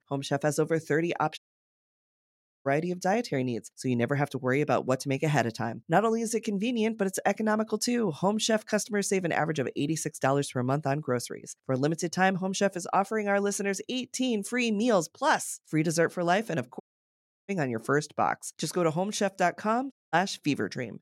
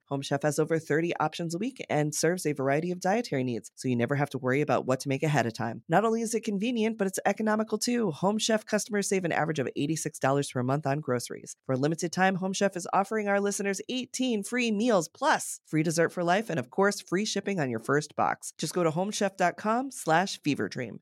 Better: second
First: audio cutting out; at 1.5 s for 1.5 s, at 17 s for 0.5 s and at 20 s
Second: none

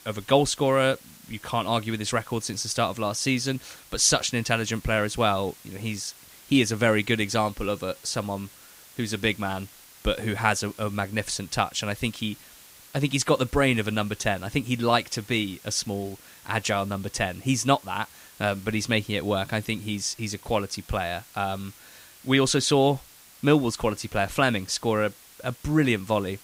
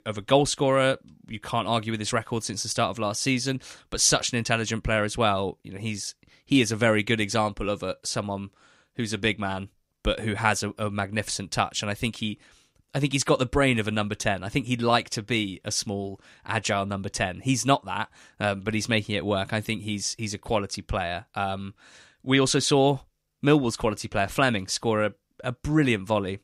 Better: second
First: hiss; faint; throughout; 20 dB below the speech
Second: none

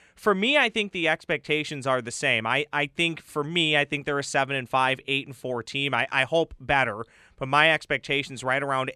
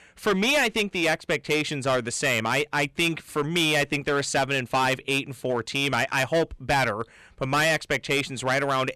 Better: first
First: none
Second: distortion; heavy; 11% of the sound clipped

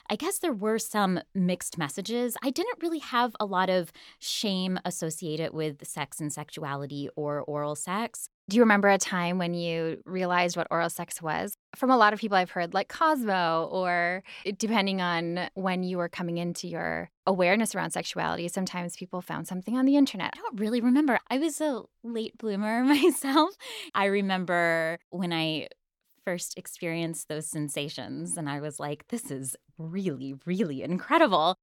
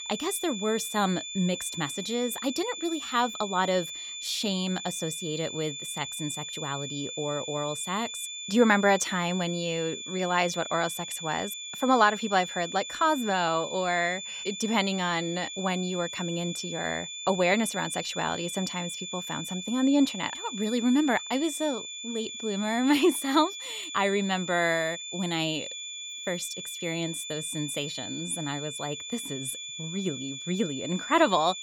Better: first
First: none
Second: high-pitched whine; loud; throughout; 3.5 kHz, 7 dB below the speech

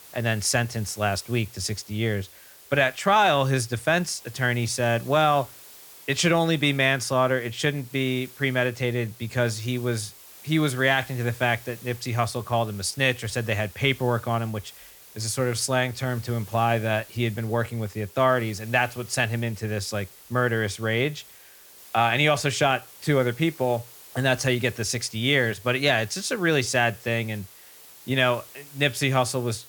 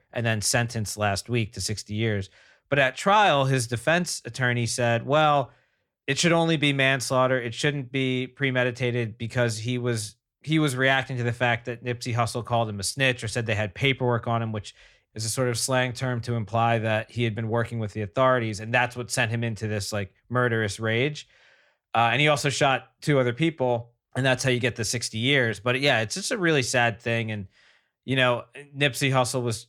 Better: second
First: hiss; faint; throughout; 20 dB below the speech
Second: none

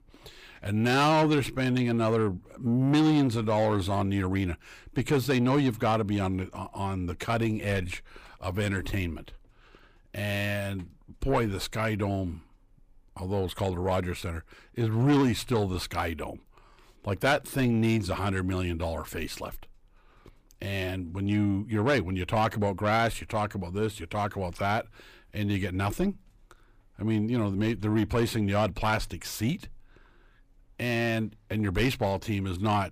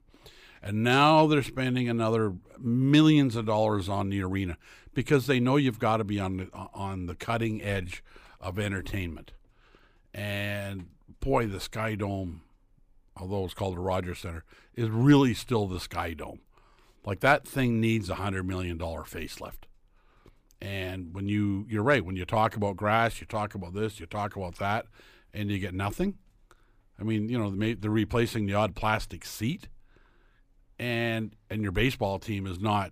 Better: second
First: distortion; slight; 10 dB below the speech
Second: none

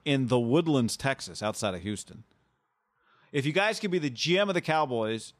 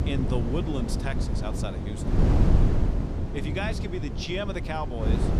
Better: first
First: none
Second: wind noise on the microphone; heavy; 2 dB below the speech

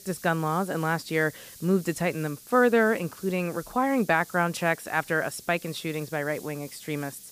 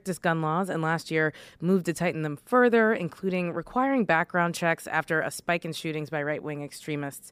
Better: second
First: hiss; noticeable; throughout; 20 dB below the speech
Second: none

